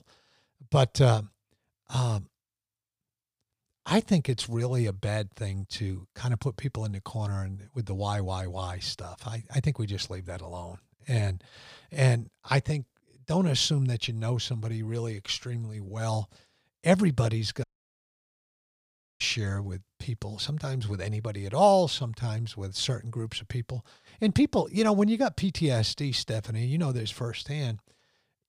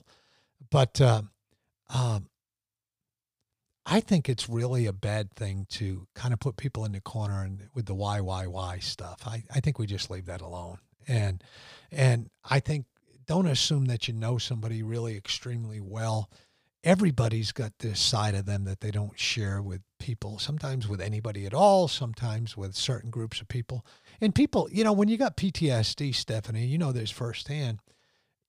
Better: second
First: audio cutting out; at 18 s for 1.5 s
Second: none

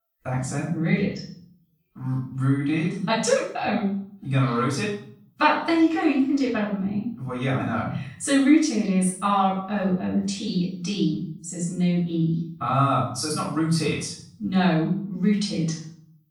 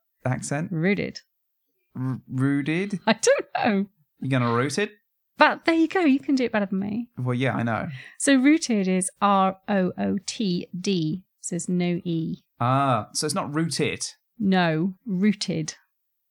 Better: second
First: room echo; noticeable; dies away in 0.5 s // off-mic speech; far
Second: none

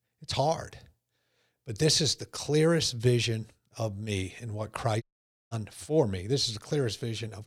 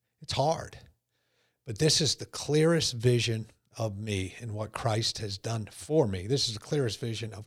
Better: second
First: audio cutting out; at 5 s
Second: none

